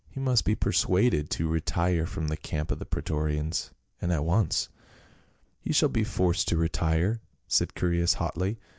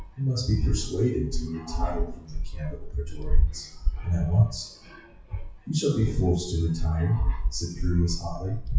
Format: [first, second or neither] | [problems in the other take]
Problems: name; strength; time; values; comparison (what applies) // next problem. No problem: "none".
first | noise reduction (classical method WPE with log-MMSE)